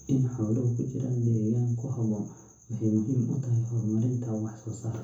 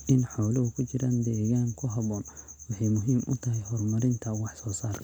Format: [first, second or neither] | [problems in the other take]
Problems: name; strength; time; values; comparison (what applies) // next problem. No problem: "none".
second | room echo; dies away in 0.6 s